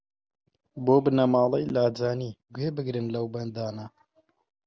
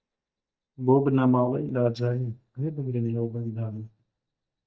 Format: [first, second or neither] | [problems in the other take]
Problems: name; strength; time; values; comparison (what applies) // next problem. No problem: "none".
first | noise reduction (neural mask model DeepFilterNet 3)